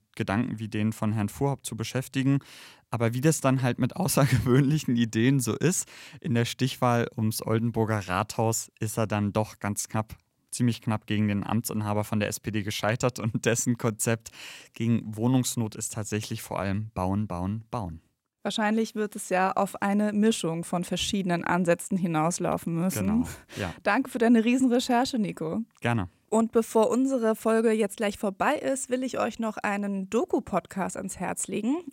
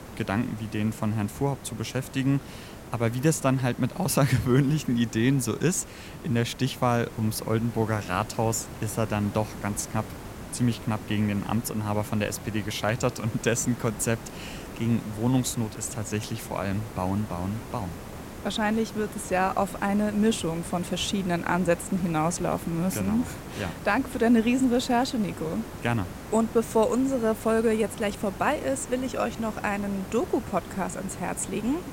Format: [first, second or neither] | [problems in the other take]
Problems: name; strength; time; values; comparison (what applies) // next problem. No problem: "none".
first | hiss; noticeable; throughout; 15 dB below the speech